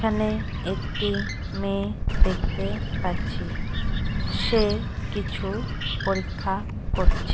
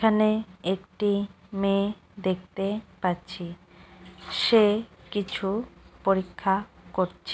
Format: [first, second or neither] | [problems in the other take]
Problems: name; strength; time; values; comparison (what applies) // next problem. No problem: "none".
second | background sound (Bird); 5 dB above the speech